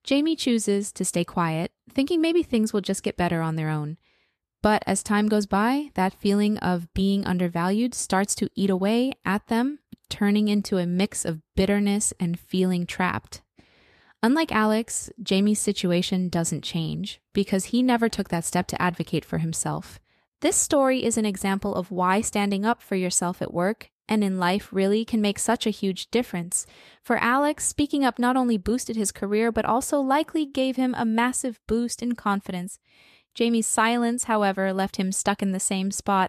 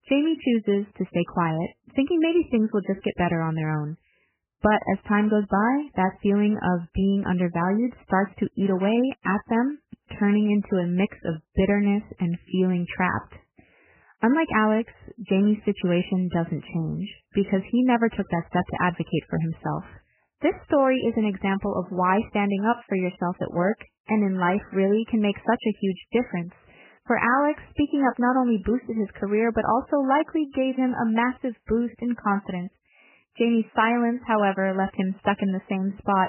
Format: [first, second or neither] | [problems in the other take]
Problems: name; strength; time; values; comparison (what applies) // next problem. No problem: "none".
first | garbled, watery; badly; nothing above 3 kHz